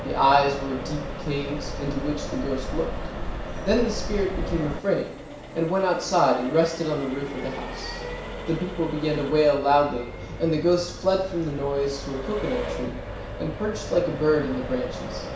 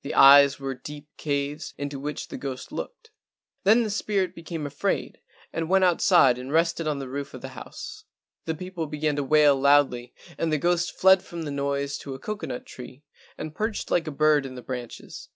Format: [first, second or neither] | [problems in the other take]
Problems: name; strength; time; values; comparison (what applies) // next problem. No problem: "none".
second | background sound (Accelerating, revving, vroom); 7 dB below the speech // room echo; dies away in 0.6 s